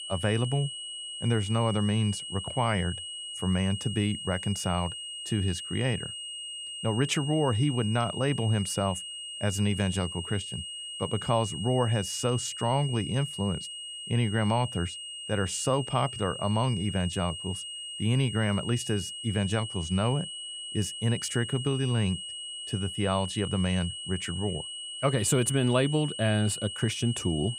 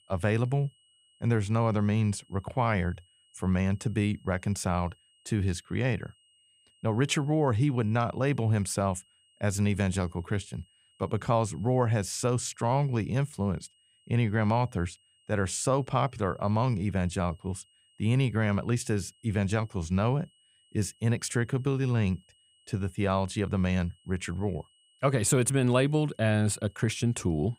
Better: second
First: high-pitched whine; loud; throughout; 3 kHz, 7 dB below the speech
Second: high-pitched whine; faint; throughout; 3 kHz, 35 dB below the speech

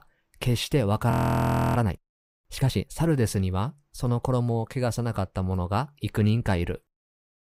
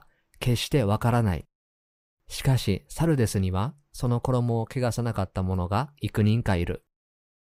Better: second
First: audio freezing; at 1 s for 0.5 s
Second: none

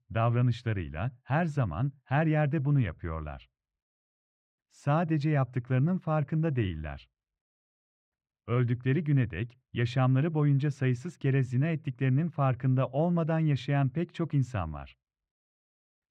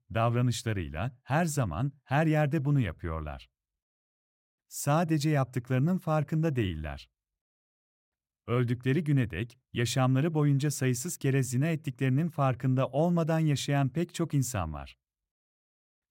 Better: second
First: muffled; slightly; fading above 2.5 kHz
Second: none

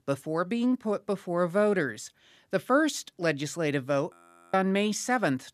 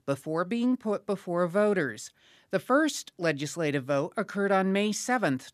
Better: second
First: audio freezing; at 4 s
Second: none

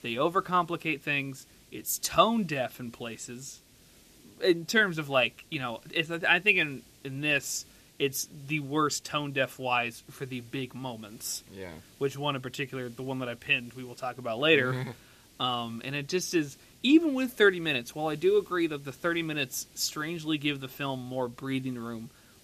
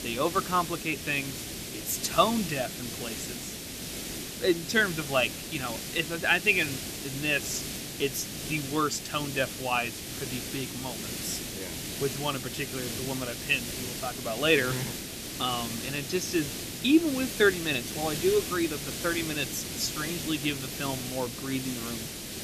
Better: first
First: hiss; faint; throughout; 25 dB below the speech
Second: hiss; loud; throughout; 6 dB below the speech

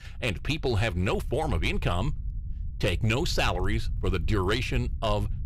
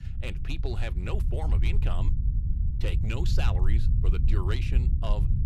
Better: first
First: low rumble; faint; throughout; 25 dB below the speech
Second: low rumble; loud; throughout; 6 dB below the speech

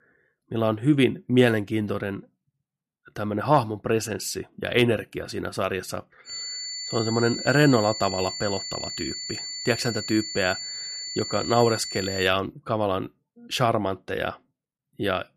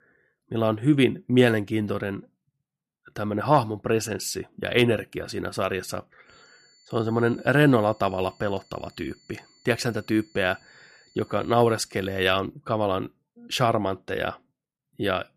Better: second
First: high-pitched whine; loud; from 6.5 to 12 s; 4.5 kHz, 6 dB below the speech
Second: high-pitched whine; faint; from 6.5 to 12 s; 4.5 kHz, 30 dB below the speech

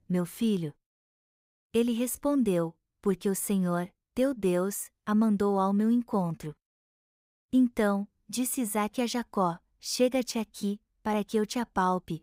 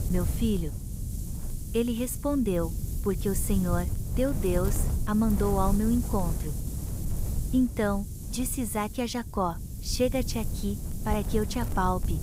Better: first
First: none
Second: wind noise on the microphone; occasional gusts; 10 dB below the speech

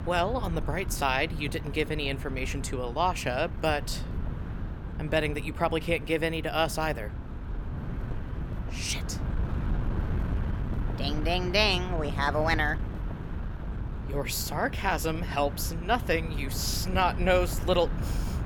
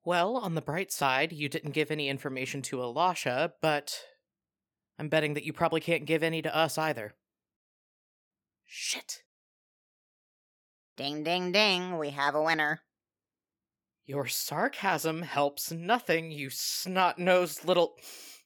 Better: second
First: wind noise on the microphone; occasional gusts; 15 dB below the speech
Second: none

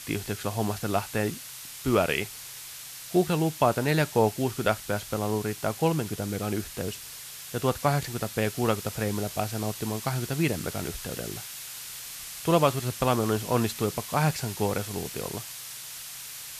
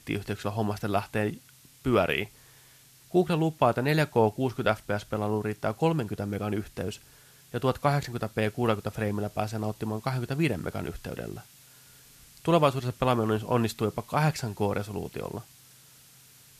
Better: second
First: hiss; loud; throughout; 9 dB below the speech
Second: hiss; faint; throughout; 25 dB below the speech

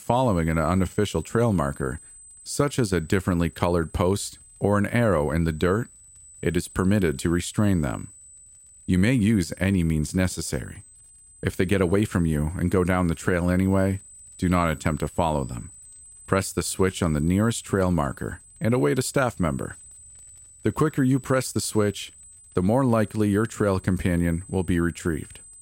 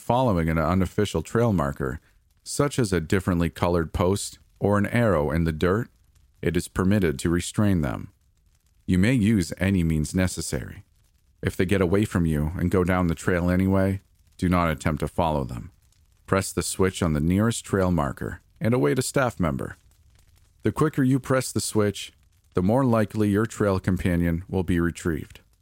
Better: second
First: high-pitched whine; faint; throughout; 8 kHz, 20 dB below the speech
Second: none

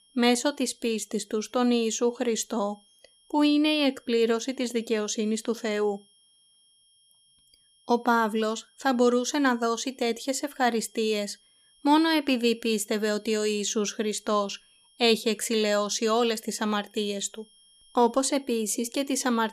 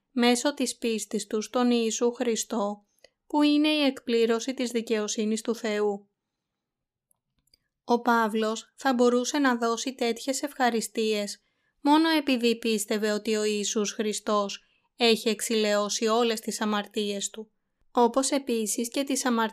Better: second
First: high-pitched whine; faint; throughout; 3 kHz, 30 dB below the speech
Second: none

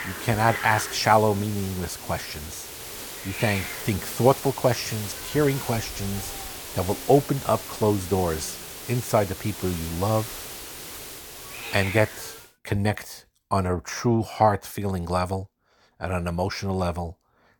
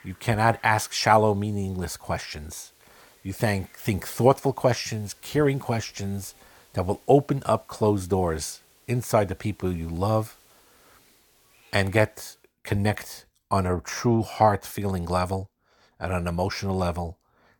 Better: second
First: hiss; loud; until 12 s; 9 dB below the speech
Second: hiss; faint; until 12 s; 30 dB below the speech

